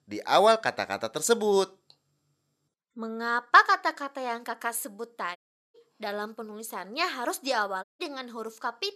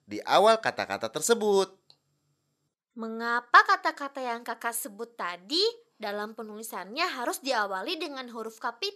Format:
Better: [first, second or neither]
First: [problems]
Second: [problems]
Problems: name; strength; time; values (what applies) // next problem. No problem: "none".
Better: second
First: audio cutting out; at 5.5 s and at 8 s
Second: none